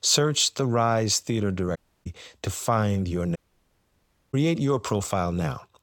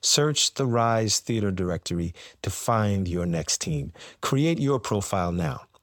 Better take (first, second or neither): second